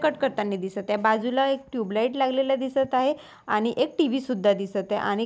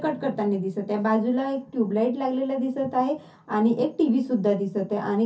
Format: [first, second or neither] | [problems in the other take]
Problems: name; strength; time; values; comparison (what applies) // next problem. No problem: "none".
first | room echo; dies away in 0.3 s